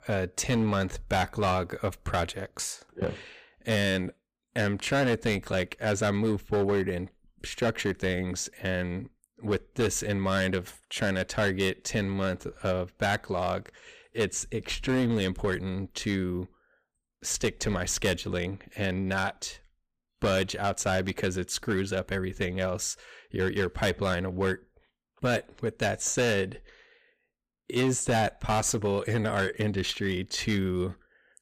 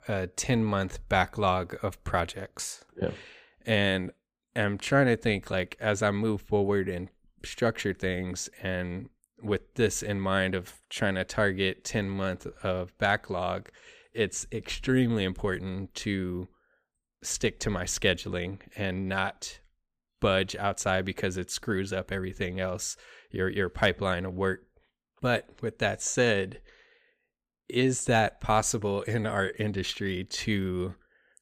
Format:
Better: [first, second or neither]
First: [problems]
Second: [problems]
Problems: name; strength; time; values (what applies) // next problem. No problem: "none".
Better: second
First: distortion; slight; 7% of the sound clipped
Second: none